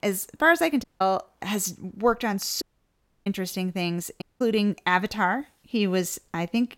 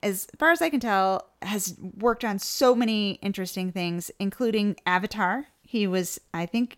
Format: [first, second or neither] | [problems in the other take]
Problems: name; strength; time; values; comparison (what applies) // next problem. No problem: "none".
second | audio cutting out; at 1 s, at 2.5 s for 0.5 s and at 4 s